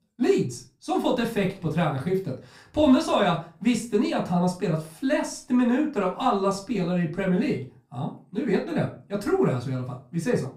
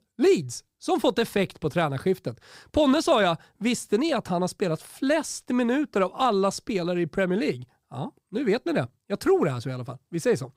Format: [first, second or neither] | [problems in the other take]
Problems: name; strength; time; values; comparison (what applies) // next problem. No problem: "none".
second | off-mic speech; far // room echo; slight; dies away in 0.3 s